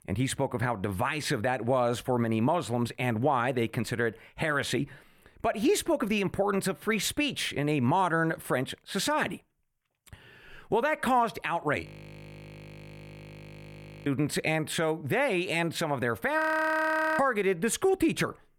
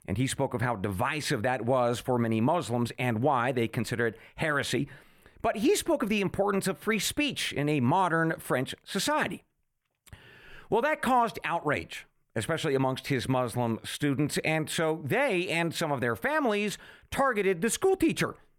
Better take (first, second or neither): second